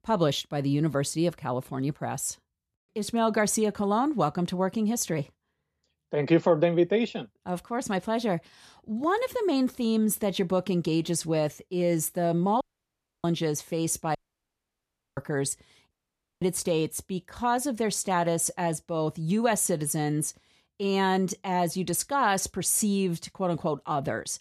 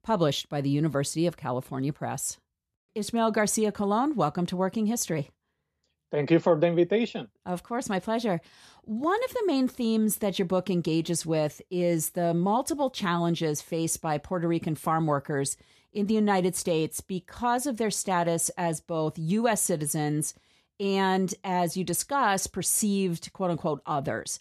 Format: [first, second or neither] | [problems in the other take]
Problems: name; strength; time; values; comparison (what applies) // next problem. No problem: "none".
second | audio cutting out; at 13 s for 0.5 s, at 14 s for 1 s and at 16 s for 0.5 s